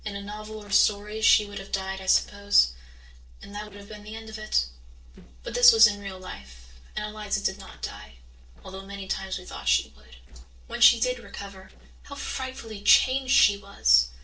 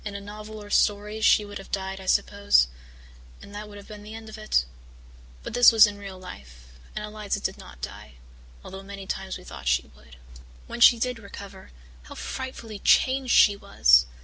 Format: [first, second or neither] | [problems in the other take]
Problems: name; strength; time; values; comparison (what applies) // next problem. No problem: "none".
second | noise reduction (neural separator model SepFormer DNS4)